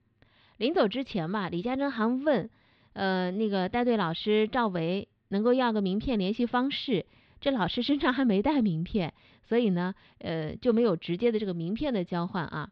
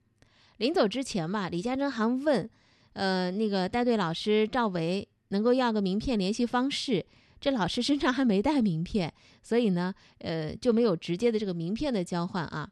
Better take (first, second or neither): second